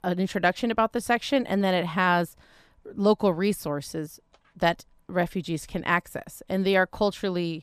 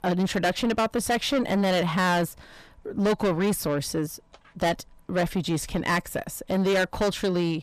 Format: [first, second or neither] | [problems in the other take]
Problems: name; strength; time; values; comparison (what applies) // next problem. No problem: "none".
first | distortion; heavy; 6 dB below the speech